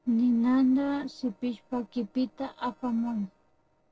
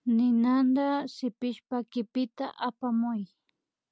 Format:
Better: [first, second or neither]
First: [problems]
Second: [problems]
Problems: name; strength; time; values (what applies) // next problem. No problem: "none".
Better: second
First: noise reduction (neural separator model SepFormer DNS4)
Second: none